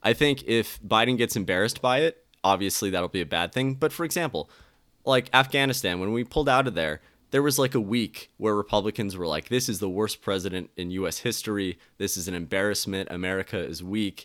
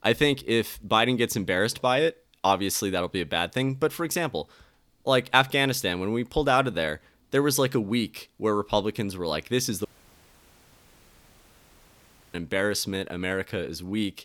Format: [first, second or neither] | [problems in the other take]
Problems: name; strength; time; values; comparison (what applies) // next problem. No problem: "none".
first | audio cutting out; at 10 s for 2.5 s